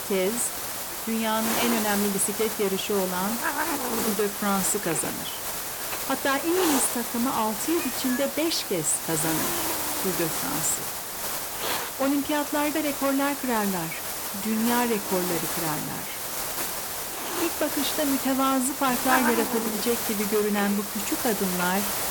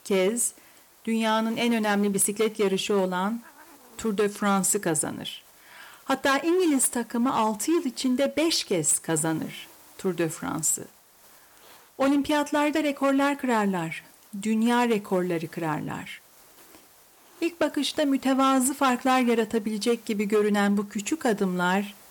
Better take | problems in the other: second | hiss; loud; throughout; 1 dB below the speech; faint in the second

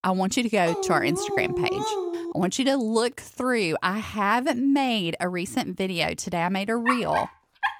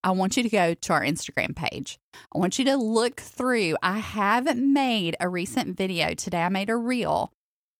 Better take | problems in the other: second | dog barking; noticeable; from 0.5 to 2.5 s and at 7 s; peak 1 dB below the speech

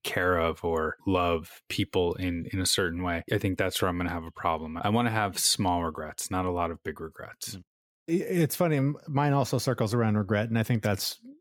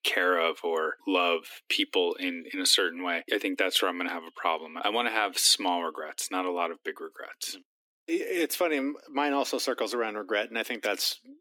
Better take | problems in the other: first | thin; somewhat; fading below 250 Hz

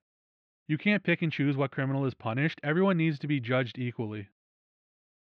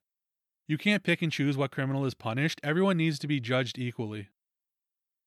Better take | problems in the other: second | muffled; slightly; fading above 3 kHz

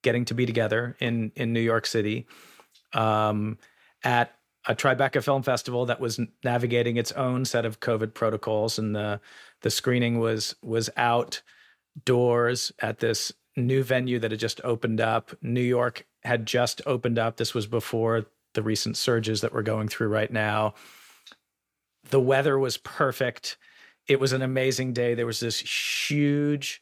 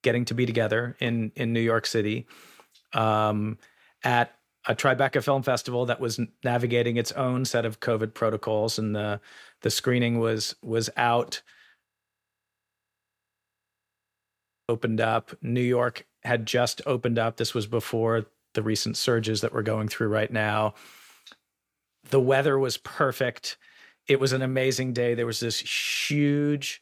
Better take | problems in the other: first | audio freezing; at 12 s for 3 s

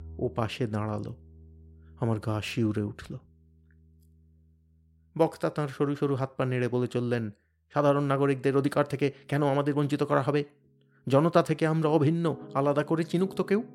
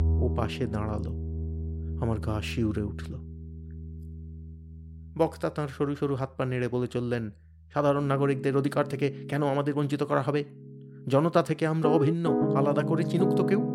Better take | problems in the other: first | background music; loud; throughout; 4 dB below the speech; faint in the first

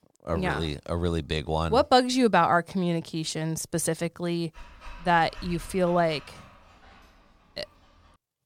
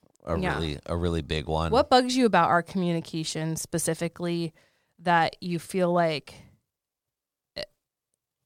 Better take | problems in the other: second | dog barking; faint; from 4.5 s on; peak 15 dB below the speech

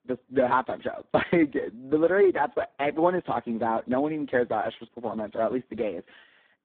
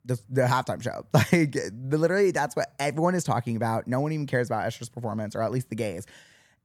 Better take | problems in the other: second | phone-call audio; poor line; nothing above 3.5 kHz

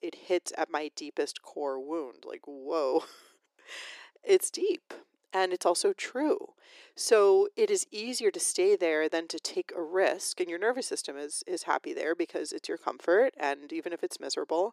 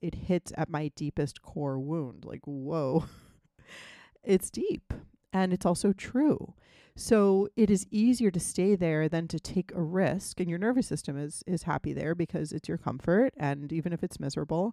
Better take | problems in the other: second | thin; very; fading below 350 Hz

